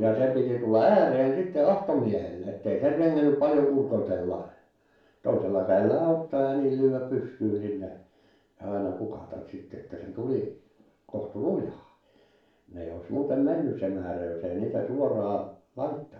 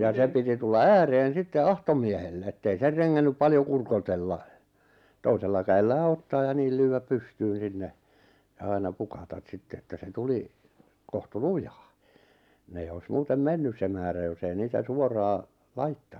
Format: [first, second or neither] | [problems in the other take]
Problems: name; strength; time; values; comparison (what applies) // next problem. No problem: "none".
second | room echo; dies away in 0.4 s